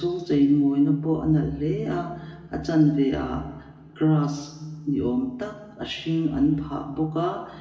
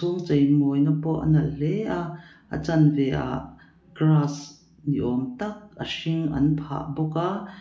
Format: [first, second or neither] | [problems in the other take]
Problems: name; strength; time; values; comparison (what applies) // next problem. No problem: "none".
second | room echo; dies away in 2.1 s